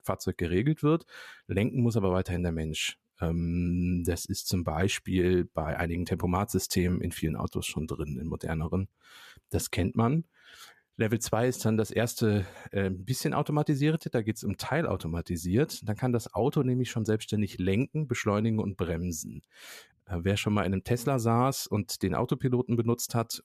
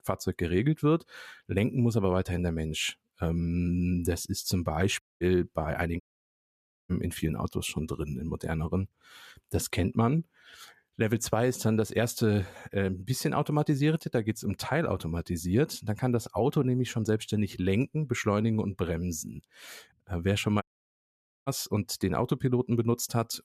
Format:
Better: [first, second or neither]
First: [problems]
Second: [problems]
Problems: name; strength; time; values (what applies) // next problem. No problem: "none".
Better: first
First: none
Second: audio cutting out; at 5 s, at 6 s for 1 s and at 21 s for 1 s